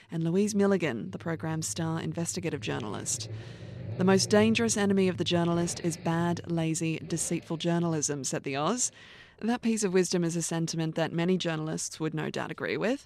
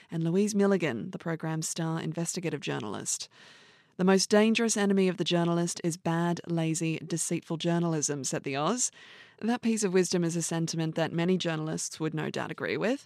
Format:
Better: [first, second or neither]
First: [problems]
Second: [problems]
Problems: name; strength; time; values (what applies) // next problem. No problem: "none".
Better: second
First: traffic noise; noticeable; throughout; 15 dB below the speech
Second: none